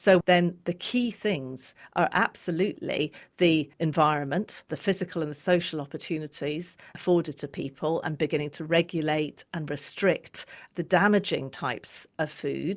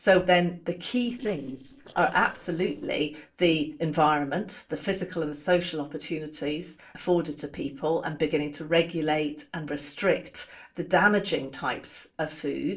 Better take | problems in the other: first | noise reduction (neural separator model SepFormer DNS4)

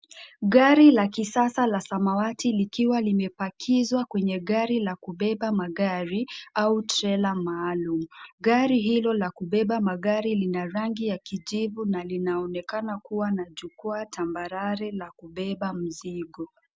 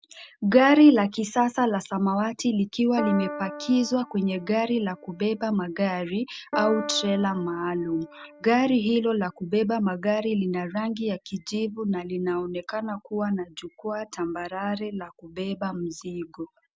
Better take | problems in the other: first | background sound (Piano); 12 dB below the speech

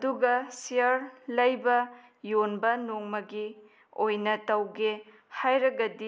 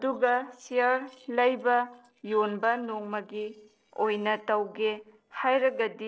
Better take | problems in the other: first | noise reduction (neural separator model SepFormer DNS4)

